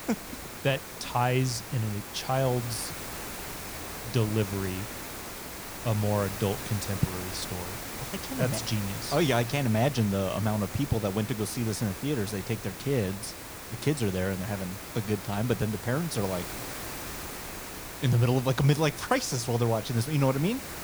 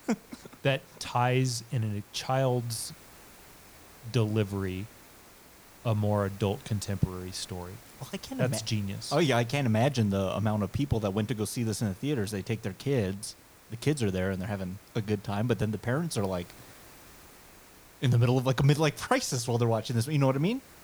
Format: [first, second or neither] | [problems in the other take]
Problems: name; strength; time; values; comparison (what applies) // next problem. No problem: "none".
second | hiss; loud; throughout; 9 dB below the speech; faint in the second